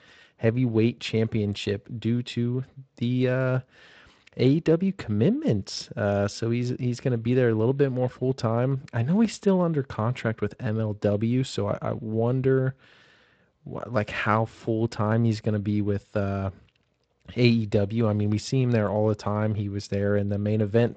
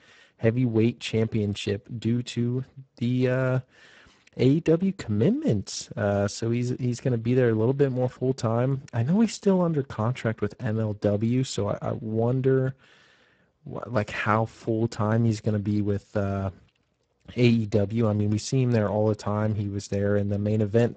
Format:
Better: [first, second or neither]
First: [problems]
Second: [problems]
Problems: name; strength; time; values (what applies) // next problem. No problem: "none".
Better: first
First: garbled, watery; slightly; nothing above 7.5 kHz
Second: garbled, watery; badly; nothing above 8 kHz